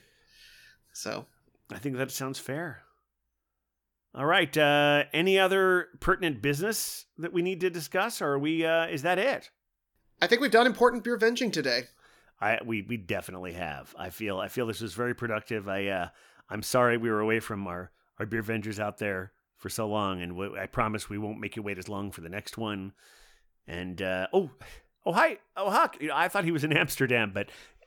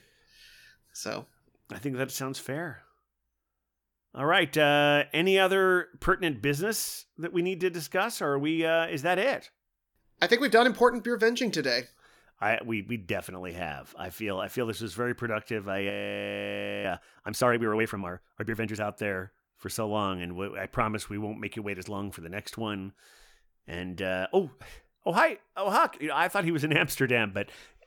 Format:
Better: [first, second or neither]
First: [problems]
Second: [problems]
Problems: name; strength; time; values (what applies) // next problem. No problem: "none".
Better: first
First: none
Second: audio freezing; at 16 s for 1 s